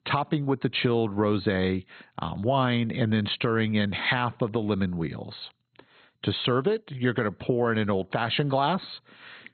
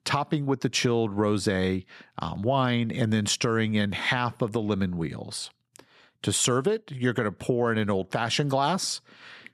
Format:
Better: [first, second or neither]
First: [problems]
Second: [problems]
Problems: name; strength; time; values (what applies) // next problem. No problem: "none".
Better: second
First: garbled, watery; badly; nothing above 4 kHz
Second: none